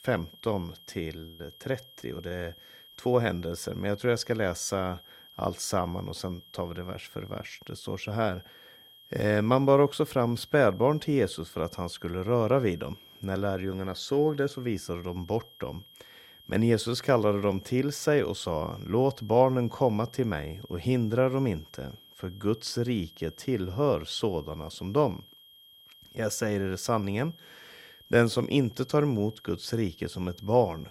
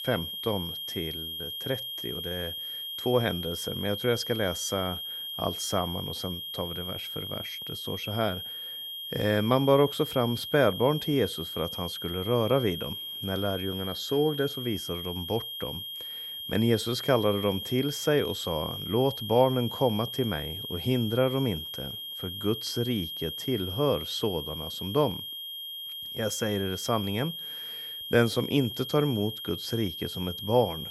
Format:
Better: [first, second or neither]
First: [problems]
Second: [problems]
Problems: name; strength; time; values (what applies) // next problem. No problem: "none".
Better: first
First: high-pitched whine; faint; throughout; 3 kHz, 25 dB below the speech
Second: high-pitched whine; loud; throughout; 3 kHz, 6 dB below the speech